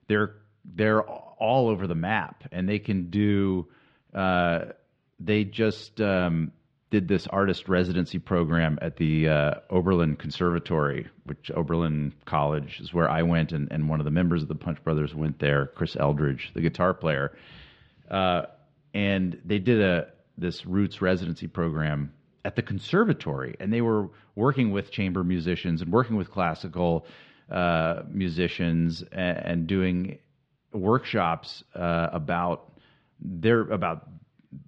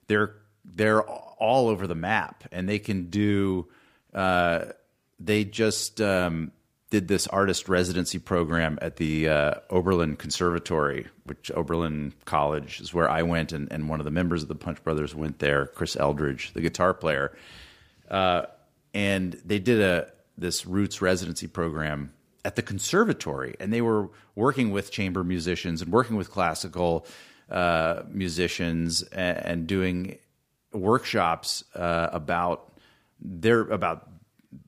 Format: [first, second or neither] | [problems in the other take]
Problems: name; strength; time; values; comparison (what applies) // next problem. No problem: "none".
second | muffled; slightly; fading above 3.5 kHz